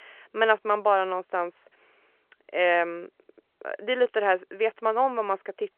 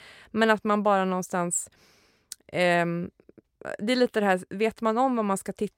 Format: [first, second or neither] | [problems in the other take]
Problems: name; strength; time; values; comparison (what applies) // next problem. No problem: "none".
second | phone-call audio; nothing above 3 kHz